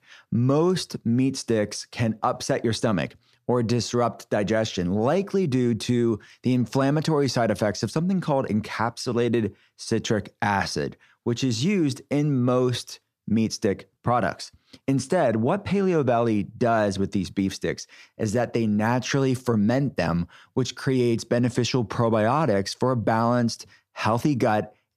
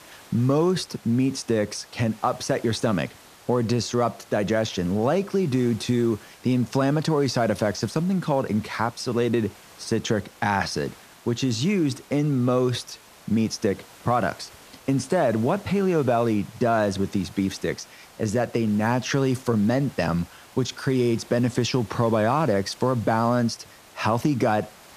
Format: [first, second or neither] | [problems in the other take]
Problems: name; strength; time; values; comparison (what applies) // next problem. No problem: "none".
first | hiss; faint; throughout; 25 dB below the speech